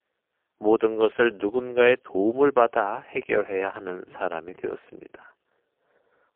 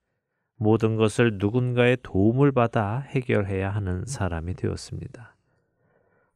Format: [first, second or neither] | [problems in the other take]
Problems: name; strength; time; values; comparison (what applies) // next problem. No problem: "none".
second | phone-call audio; poor line